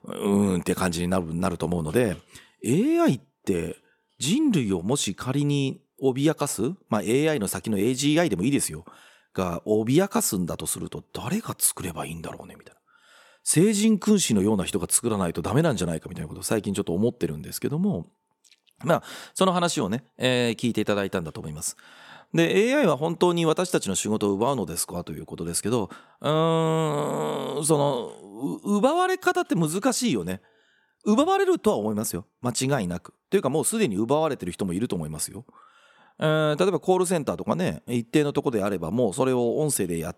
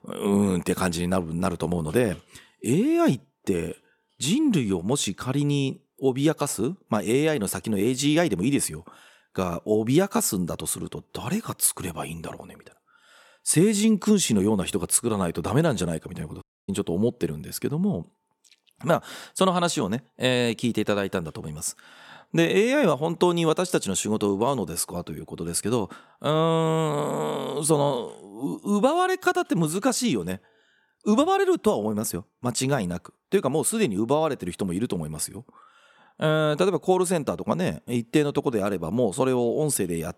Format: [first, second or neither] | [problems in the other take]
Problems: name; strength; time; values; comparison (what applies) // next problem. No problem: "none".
first | audio cutting out; at 16 s